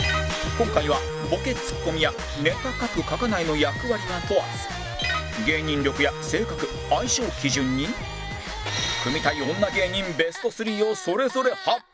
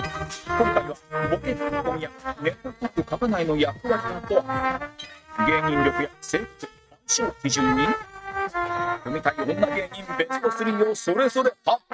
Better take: first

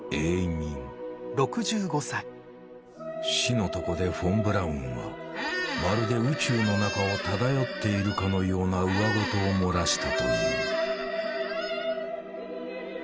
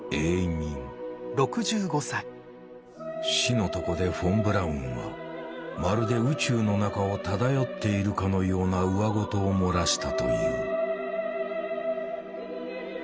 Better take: second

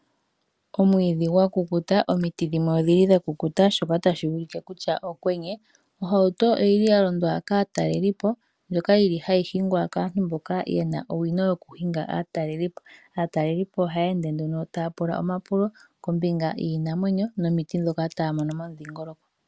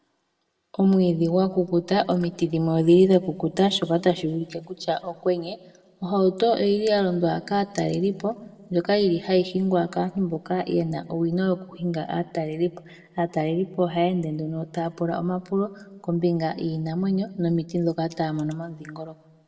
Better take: first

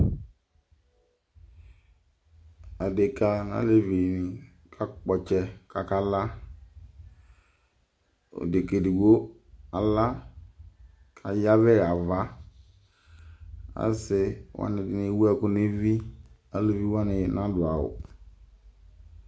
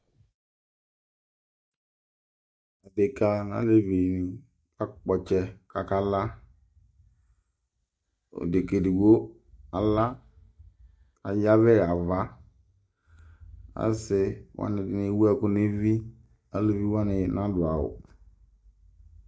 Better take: first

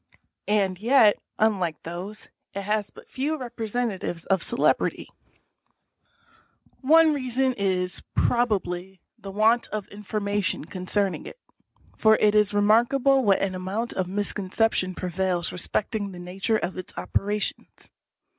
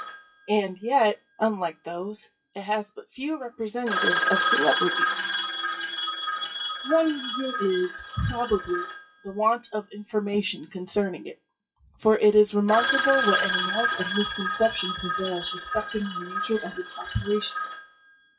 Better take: first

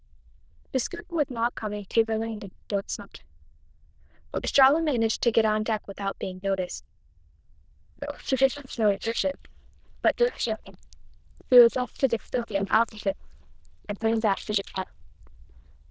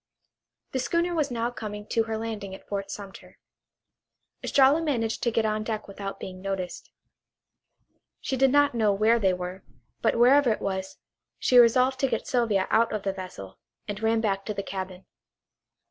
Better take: second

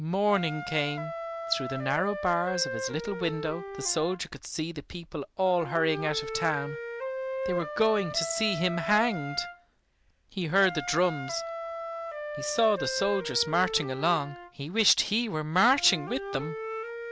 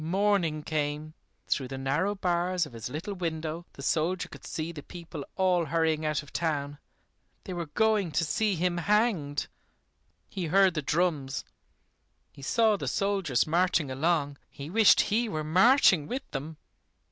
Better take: second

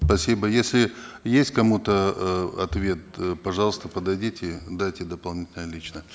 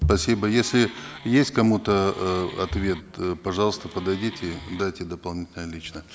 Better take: first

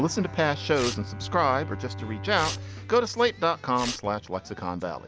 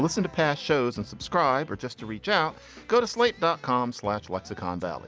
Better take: second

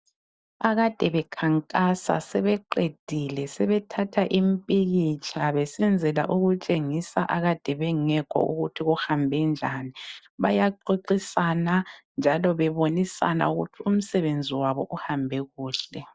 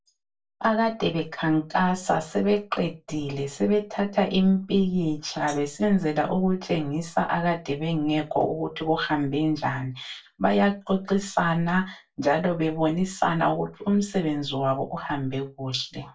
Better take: first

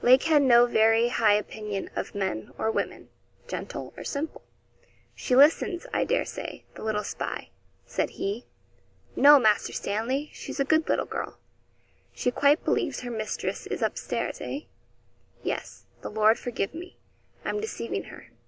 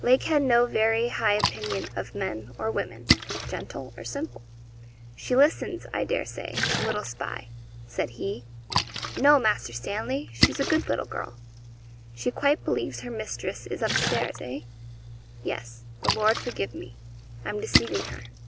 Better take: first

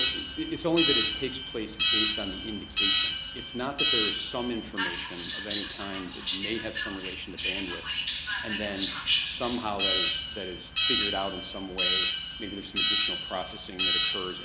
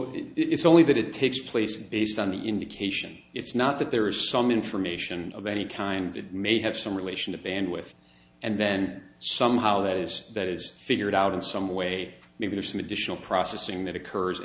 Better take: second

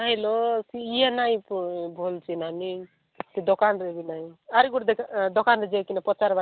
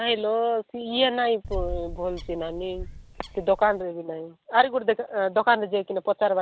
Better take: first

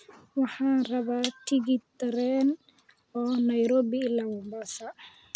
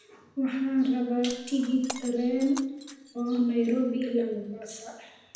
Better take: first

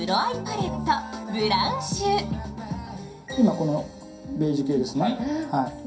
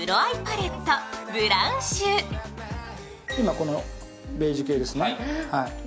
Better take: second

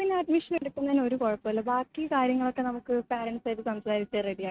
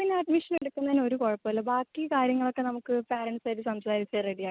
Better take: second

